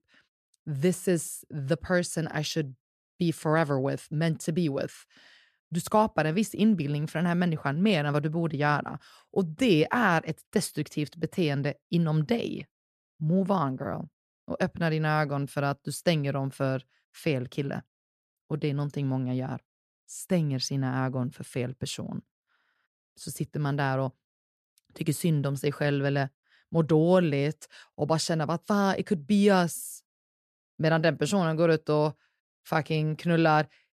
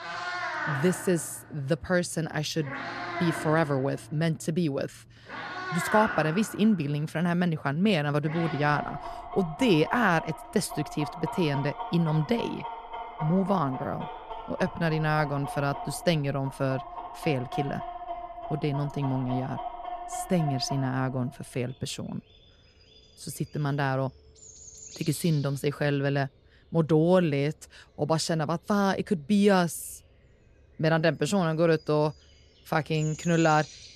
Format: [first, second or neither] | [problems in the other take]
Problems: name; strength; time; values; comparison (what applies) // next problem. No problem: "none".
first | animal sounds; loud; throughout; 10 dB below the speech